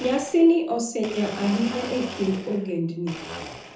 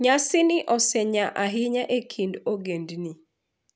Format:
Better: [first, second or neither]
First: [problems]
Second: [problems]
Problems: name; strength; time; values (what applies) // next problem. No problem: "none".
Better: second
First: background sound (Domestic sounds, home sounds); 13 dB below the speech // room echo; dies away in 0.5 s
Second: none